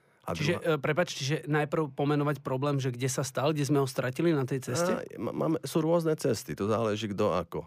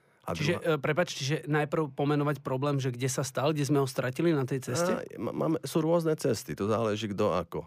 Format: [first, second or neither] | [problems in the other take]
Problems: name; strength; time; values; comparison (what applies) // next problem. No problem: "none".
neither | none